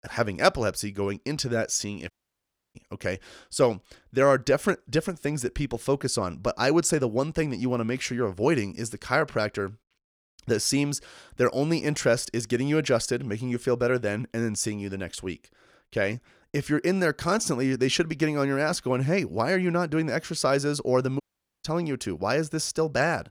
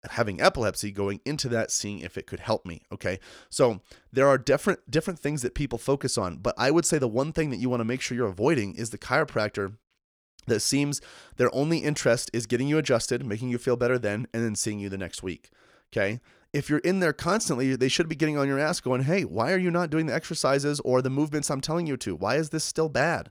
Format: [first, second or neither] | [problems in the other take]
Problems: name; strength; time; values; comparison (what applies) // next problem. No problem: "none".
second | audio cutting out; at 2 s for 0.5 s and at 21 s